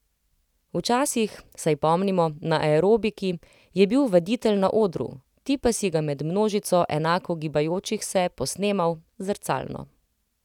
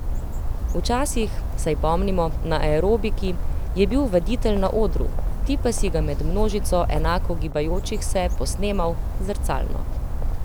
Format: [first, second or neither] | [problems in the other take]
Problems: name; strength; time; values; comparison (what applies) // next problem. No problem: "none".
first | background sound (Bird); 2 dB above the speech